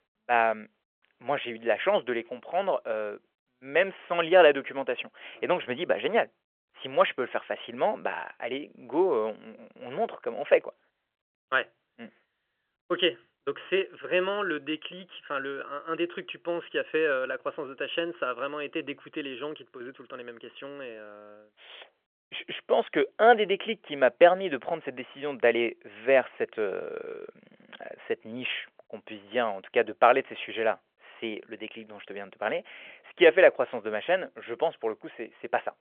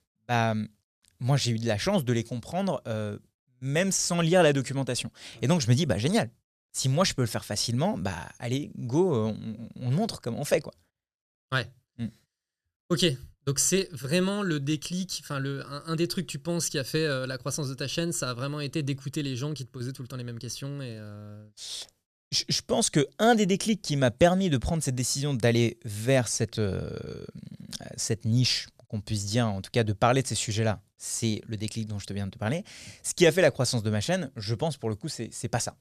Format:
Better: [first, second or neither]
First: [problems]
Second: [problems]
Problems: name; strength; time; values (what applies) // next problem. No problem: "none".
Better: second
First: phone-call audio; nothing above 3.5 kHz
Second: none